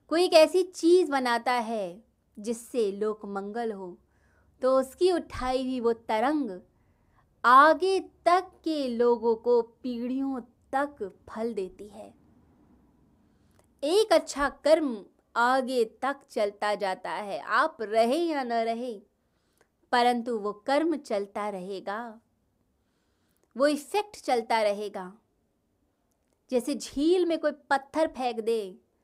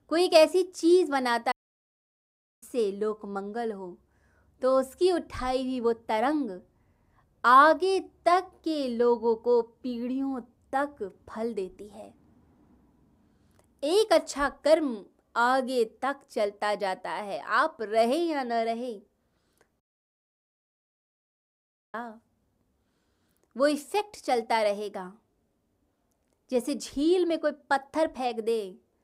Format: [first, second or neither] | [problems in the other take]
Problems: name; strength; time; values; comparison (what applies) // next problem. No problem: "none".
first | audio cutting out; at 1.5 s for 1 s and at 20 s for 2 s